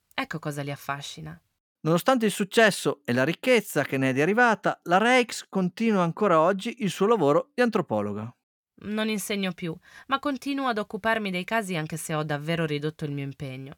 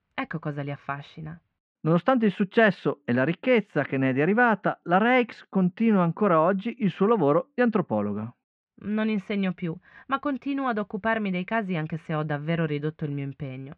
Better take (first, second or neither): first